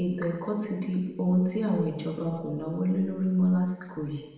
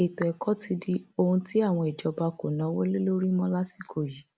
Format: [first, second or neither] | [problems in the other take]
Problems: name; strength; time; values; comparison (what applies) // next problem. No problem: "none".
second | room echo; dies away in 1 s